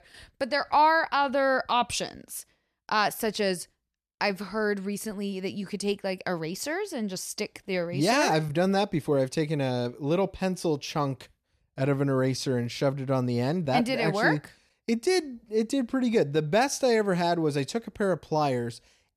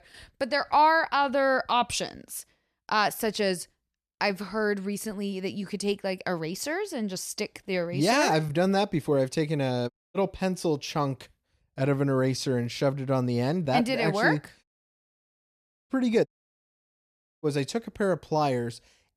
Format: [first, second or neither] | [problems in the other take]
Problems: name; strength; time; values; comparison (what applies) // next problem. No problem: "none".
first | audio cutting out; at 10 s, at 15 s for 1.5 s and at 16 s for 1 s